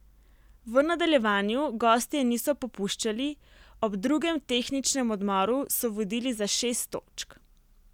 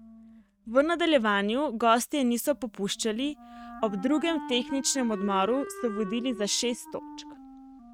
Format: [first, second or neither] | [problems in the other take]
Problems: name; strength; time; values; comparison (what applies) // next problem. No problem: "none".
first | noise reduction (neural mask model RNNoise)